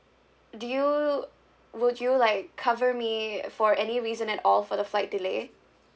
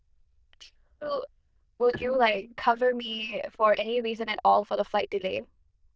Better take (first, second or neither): first